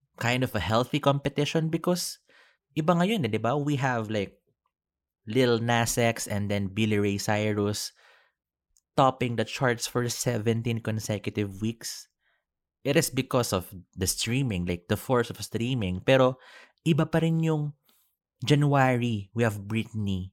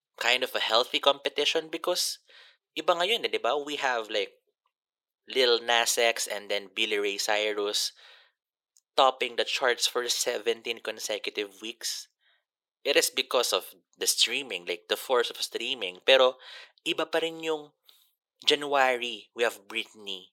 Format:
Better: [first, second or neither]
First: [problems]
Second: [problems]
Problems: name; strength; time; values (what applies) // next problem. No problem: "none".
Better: first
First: none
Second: thin; very; fading below 400 Hz